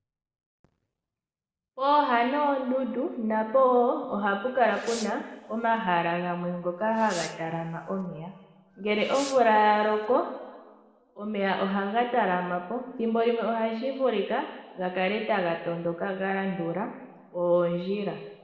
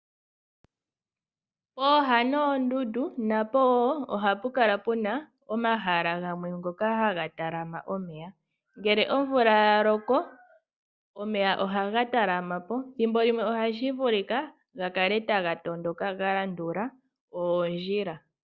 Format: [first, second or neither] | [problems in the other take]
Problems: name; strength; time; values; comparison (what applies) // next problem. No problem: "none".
second | background sound (Fireworks); 19 dB below the speech // room echo; dies away in 1.4 s